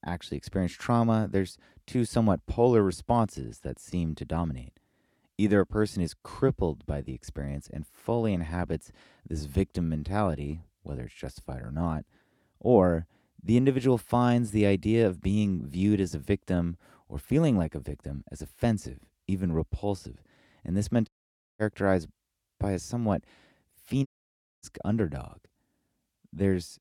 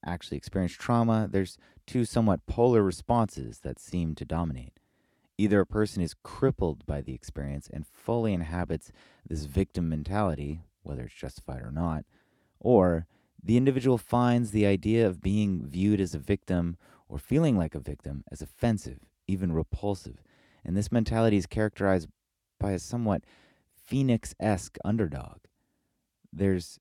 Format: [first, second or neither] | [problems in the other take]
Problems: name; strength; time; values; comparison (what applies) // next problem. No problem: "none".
second | audio cutting out; at 21 s for 0.5 s and at 24 s for 0.5 s